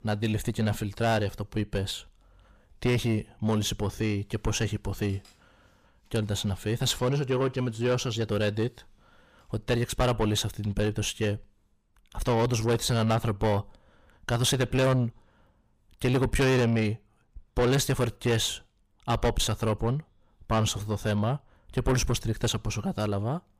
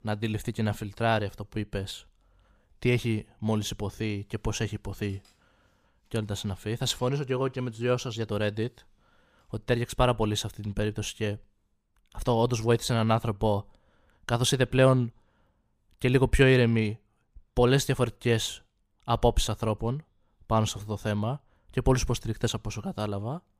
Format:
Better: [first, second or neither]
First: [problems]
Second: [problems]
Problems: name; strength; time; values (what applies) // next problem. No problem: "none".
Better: second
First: distortion; heavy; 7 dB below the speech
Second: none